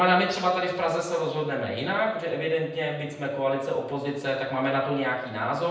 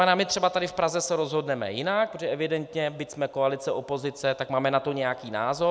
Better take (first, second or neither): second